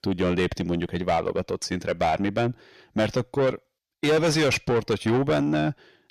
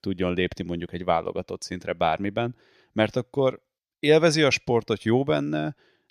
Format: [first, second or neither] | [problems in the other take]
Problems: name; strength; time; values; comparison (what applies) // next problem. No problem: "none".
second | distortion; heavy; 6 dB below the speech